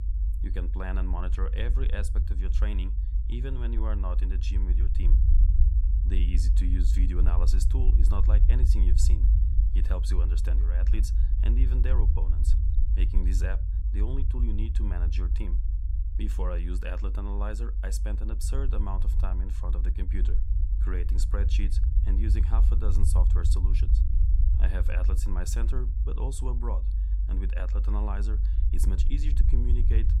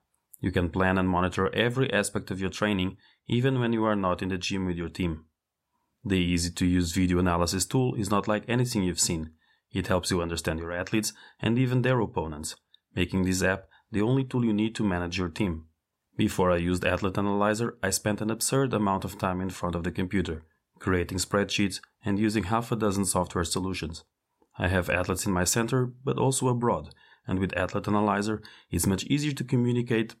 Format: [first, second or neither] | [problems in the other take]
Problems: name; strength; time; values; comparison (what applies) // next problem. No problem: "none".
second | low rumble; loud; throughout; 5 dB below the speech